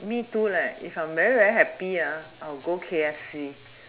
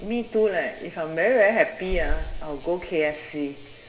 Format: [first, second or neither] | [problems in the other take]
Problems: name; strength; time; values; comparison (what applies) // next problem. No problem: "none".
first | background sound (Breathing); 8 dB below the speech // room echo; dies away in 2.9 s